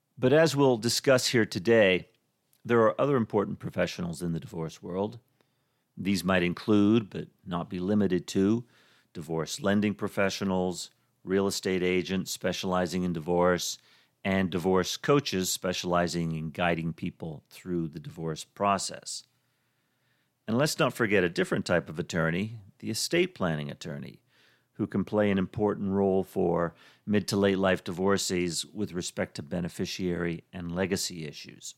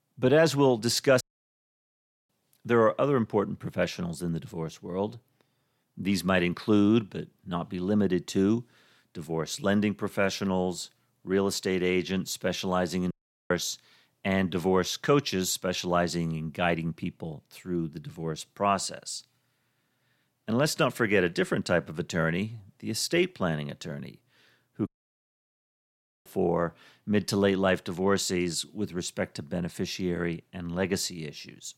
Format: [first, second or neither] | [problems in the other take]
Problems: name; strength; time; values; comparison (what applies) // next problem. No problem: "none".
first | audio cutting out; at 1 s for 1 s, at 13 s and at 25 s for 1.5 s